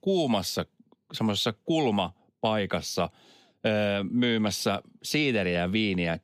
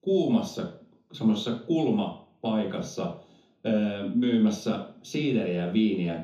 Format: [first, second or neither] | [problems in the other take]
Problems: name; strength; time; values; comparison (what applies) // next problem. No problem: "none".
first | room echo; slight; dies away in 0.6 s // off-mic speech; somewhat distant